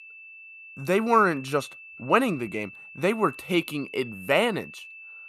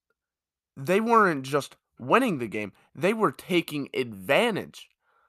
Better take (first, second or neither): second